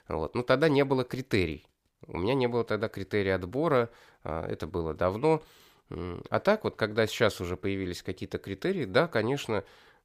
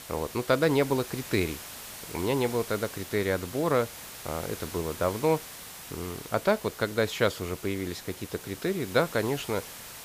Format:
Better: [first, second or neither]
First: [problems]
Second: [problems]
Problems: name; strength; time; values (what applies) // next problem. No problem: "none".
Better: first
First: none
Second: hiss; noticeable; throughout; 10 dB below the speech